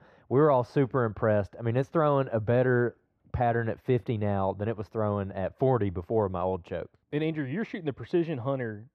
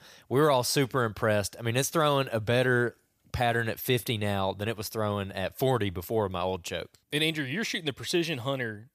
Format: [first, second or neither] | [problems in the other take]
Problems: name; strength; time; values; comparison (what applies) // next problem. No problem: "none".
second | muffled; very; fading above 3.5 kHz